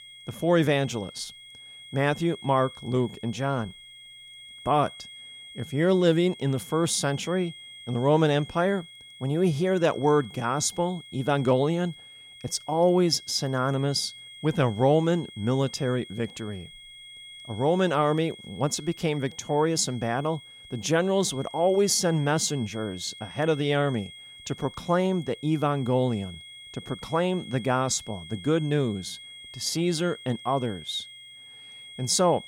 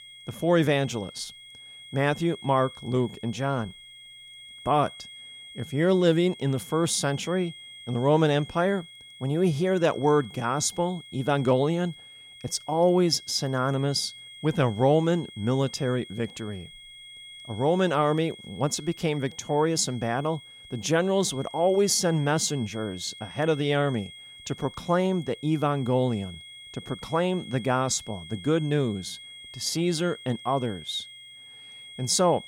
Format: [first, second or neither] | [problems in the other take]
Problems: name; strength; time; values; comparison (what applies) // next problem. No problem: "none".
neither | high-pitched whine; noticeable; throughout; 3.5 kHz, 15 dB below the speech; the same in both